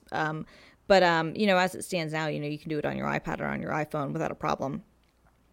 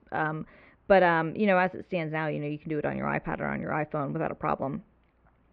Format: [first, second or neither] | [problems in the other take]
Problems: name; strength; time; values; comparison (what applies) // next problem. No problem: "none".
first | muffled; very; fading above 2.5 kHz